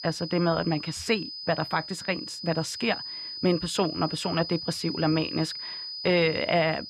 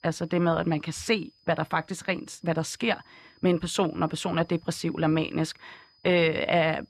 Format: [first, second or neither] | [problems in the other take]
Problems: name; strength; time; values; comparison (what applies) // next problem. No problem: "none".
second | high-pitched whine; loud; throughout; 5 kHz, 7 dB below the speech; faint in the second